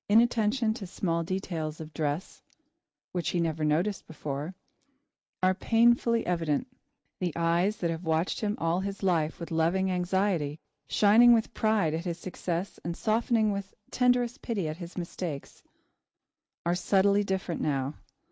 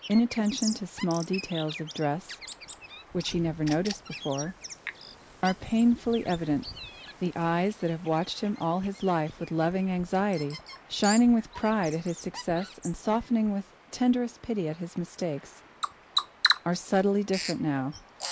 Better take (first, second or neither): first